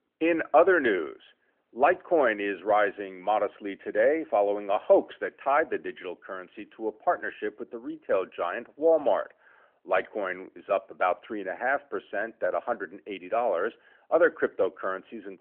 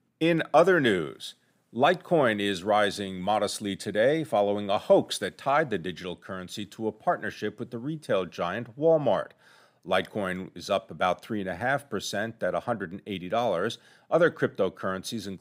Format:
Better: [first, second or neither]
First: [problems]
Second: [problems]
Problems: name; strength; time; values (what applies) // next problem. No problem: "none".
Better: second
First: phone-call audio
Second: none